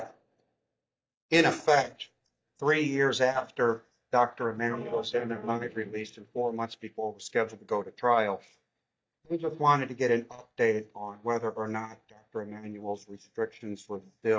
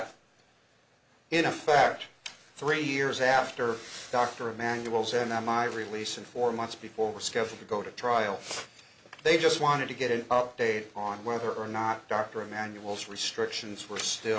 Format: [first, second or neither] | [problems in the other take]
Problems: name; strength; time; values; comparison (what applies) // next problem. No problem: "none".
second | noise reduction (neural mask model DeepFilterNet 3)